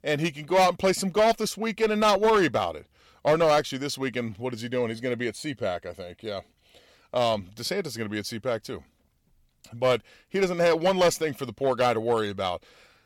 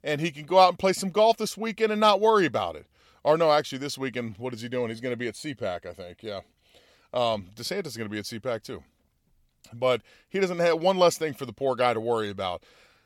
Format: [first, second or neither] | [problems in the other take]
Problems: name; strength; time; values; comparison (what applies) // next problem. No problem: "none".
second | distortion; slight; 4% of the sound clipped